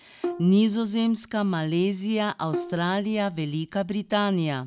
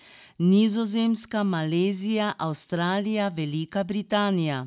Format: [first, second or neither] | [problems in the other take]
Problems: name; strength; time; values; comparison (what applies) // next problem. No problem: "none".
second | background sound (Bowed string instrument); 13 dB below the speech